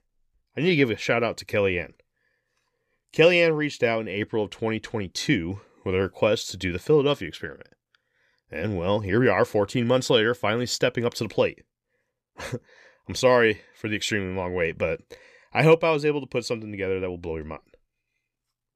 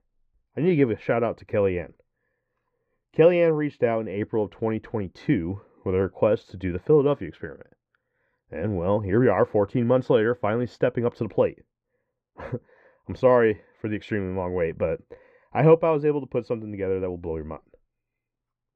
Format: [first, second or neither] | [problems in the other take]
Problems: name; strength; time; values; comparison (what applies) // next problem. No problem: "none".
first | muffled; very; fading above 3 kHz